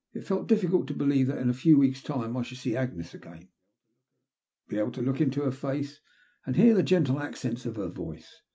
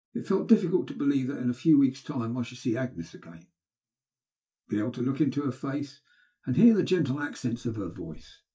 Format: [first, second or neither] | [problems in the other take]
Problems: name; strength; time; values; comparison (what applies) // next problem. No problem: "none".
first | noise reduction (neural mask model DeepFilterNet 3)